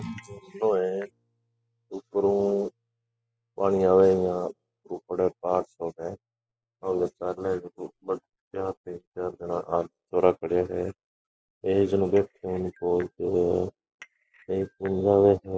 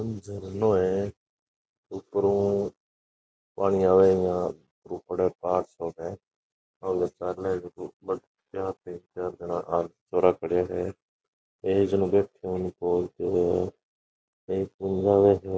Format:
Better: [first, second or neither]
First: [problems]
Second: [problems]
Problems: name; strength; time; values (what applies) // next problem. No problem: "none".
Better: second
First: noise reduction (classical method spectral subtraction)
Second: none